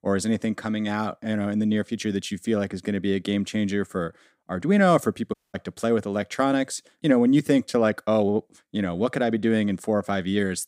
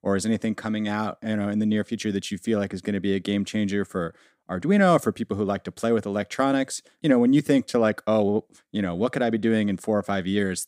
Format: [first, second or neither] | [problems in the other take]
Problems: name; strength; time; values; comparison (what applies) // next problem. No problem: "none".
second | audio cutting out; at 5.5 s